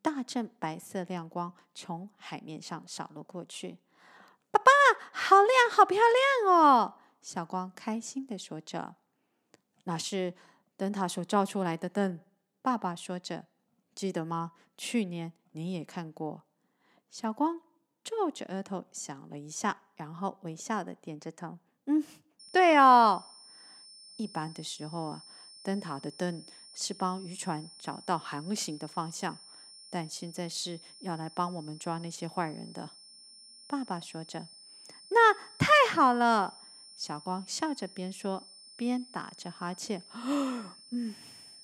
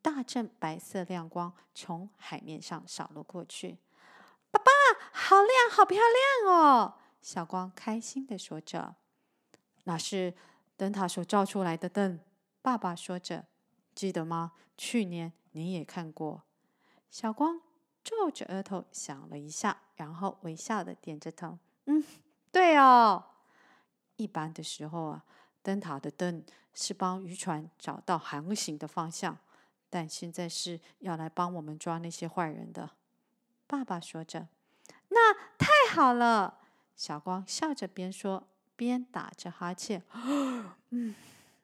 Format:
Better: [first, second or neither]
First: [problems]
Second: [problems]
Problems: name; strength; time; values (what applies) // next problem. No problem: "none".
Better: second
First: high-pitched whine; faint; from 22 s on; 5.5 kHz, 20 dB below the speech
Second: none